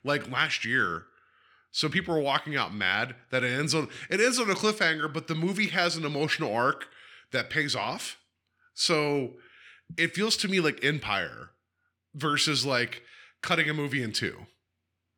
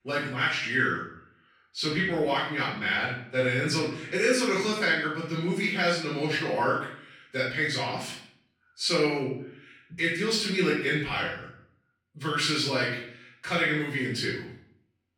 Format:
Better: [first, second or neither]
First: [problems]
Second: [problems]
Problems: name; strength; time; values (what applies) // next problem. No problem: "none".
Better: first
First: none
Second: off-mic speech; far // room echo; noticeable; dies away in 0.5 s